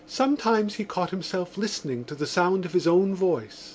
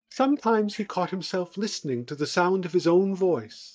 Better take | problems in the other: first | noise reduction (neural mask model DeepFilterNet 3)

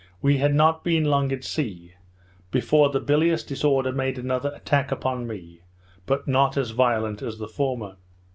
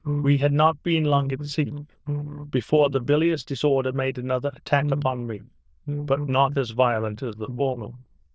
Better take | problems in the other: first | noise reduction (neural diffusion model UNIVERSE++)

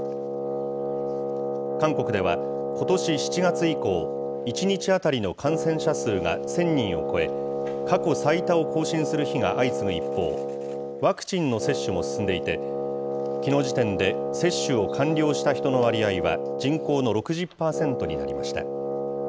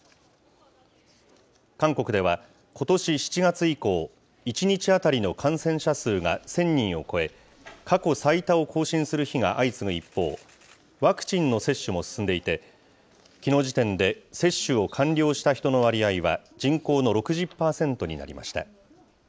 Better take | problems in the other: second | background sound (Wind instrument, woodwind instrument); 2 dB below the speech

